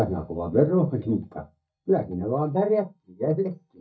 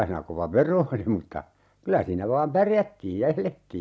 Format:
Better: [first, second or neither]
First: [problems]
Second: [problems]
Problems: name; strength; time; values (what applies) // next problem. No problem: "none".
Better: second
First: noise reduction (neural mask model DeepFilterNet 3)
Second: none